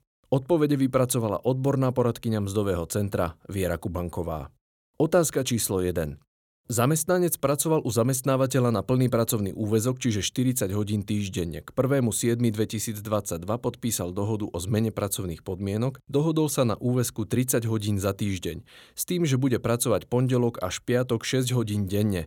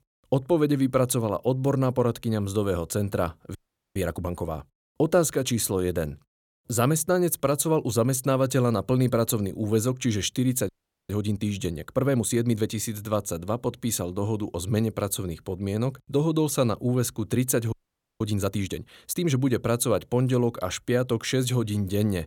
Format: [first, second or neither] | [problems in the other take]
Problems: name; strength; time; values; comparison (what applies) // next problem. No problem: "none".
first | audio freezing; at 3.5 s, at 11 s and at 18 s